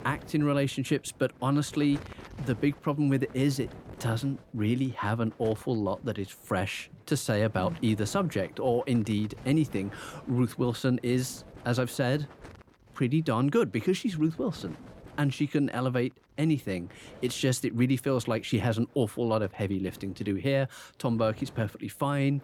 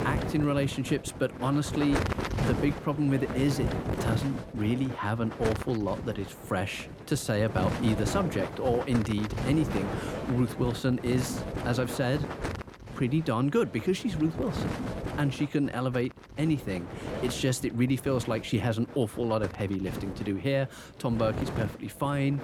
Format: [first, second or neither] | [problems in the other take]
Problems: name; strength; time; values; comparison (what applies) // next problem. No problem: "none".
first | wind noise on the microphone; heavy; 6 dB below the speech; occasional gusts in the first